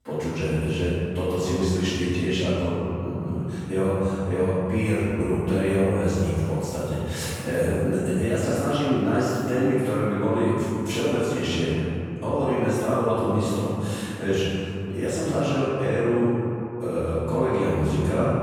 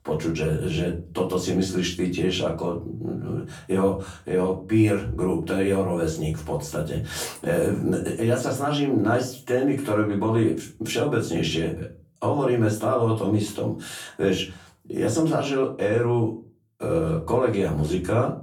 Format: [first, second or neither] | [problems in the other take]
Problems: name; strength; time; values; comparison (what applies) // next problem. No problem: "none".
second | room echo; strong; dies away in 3 s; slight in the second // off-mic speech; far; far in the second